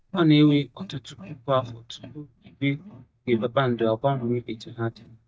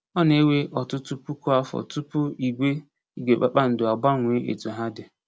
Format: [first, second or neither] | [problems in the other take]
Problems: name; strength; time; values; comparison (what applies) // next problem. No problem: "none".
second | noise reduction (neural mask model DeepFilterNet 3)